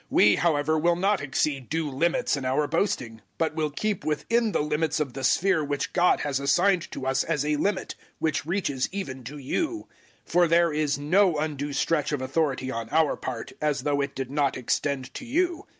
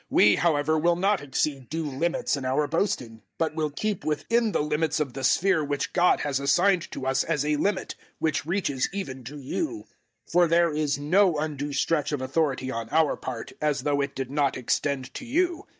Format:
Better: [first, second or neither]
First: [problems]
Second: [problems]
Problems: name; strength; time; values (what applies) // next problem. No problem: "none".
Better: first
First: none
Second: noise reduction (neural mask model DeepFilterNet 3)